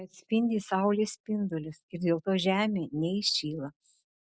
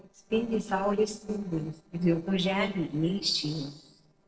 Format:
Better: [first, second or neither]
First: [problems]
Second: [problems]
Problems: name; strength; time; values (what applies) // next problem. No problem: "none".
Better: first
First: none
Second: noise reduction (neural separator model SepFormer DNS4)